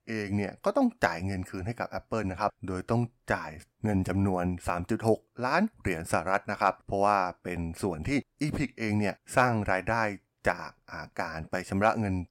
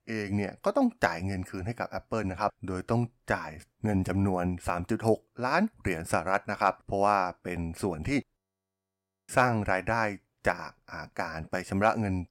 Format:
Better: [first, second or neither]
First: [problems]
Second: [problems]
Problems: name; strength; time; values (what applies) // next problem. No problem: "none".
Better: first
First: none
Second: audio freezing; at 8.5 s for 1 s